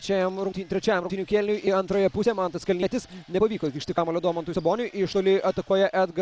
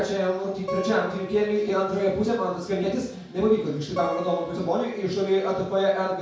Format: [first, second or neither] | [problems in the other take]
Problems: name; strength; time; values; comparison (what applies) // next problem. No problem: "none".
first | background sound (Acoustic guitar); 11 dB below the speech // room echo; dies away in 0.5 s